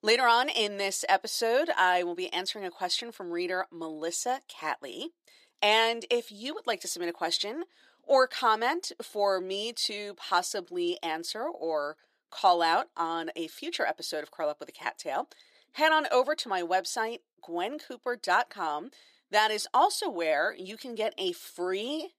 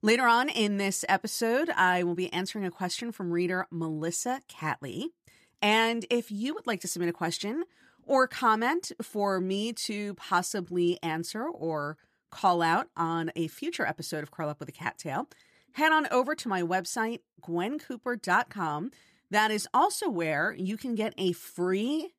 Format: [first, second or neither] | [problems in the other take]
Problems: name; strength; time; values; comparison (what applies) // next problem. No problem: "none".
second | thin; somewhat; fading below 350 Hz